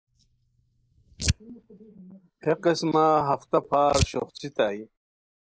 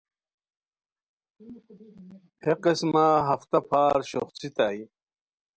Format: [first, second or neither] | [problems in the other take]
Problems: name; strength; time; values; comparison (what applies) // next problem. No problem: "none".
second | noise reduction (neural mask model Resemble Enhance denoiser)